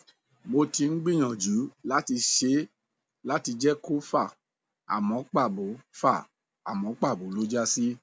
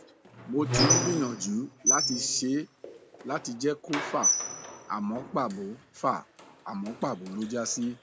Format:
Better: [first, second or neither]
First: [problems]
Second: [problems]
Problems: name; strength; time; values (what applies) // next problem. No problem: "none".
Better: first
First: none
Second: background sound (Squeak); as loud as the speech